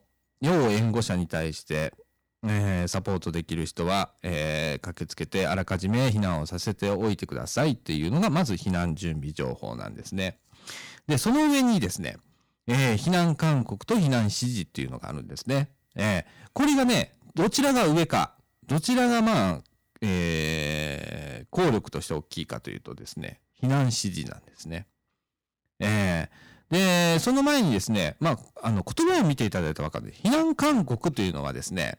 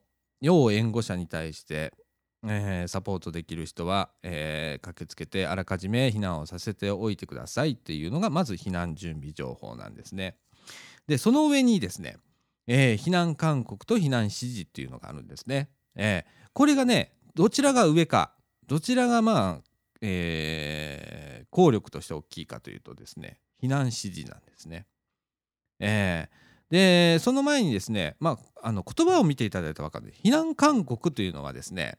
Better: second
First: distortion; heavy; 14% of the sound clipped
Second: none

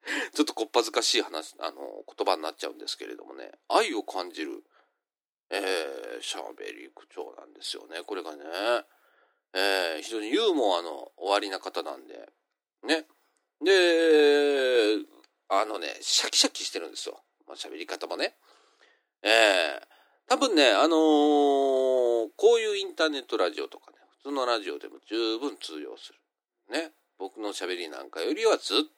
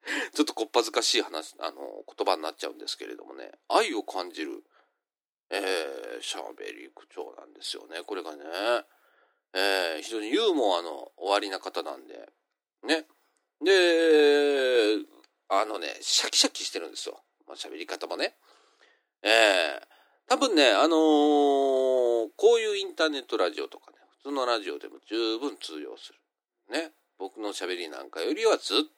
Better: neither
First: thin; somewhat; fading below 300 Hz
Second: thin; somewhat; fading below 300 Hz

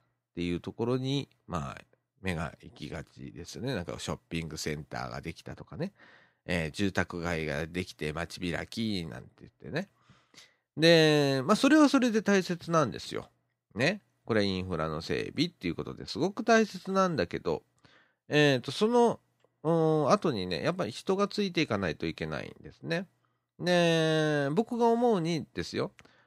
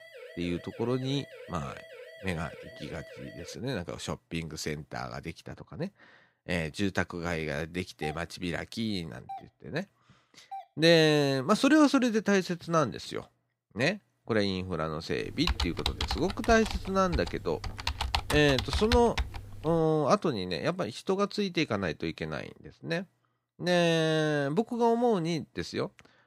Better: first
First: none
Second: siren; faint; until 3.5 s; peak 15 dB below the speech // doorbell; faint; from 8 to 11 s; peak 15 dB below the speech // keyboard typing; noticeable; from 15 to 20 s; peak 1 dB below the speech

